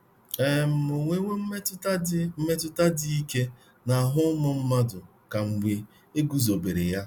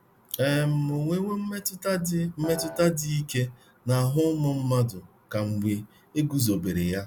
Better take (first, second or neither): first